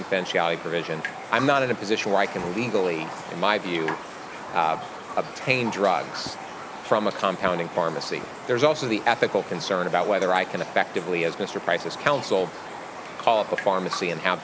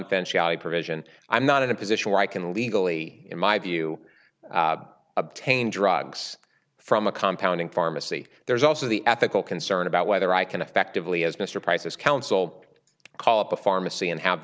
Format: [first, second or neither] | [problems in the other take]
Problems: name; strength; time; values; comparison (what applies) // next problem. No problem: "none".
second | background sound (Raindrop); 11 dB below the speech